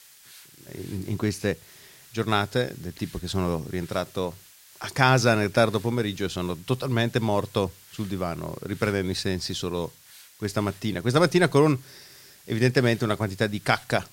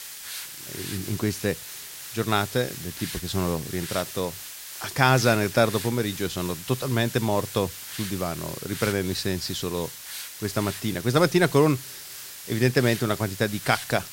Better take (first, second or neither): first